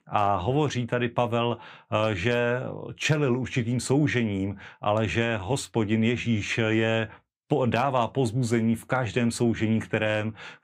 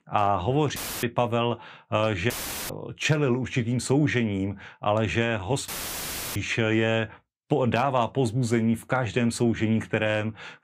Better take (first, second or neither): first